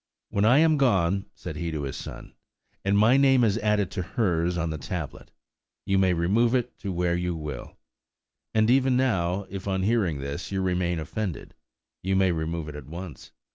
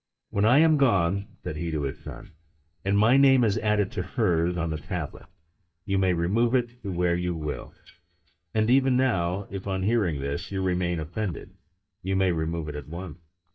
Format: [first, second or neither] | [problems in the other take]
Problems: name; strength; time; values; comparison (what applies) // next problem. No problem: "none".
first | noise reduction (neural mask model DeepFilterNet 3)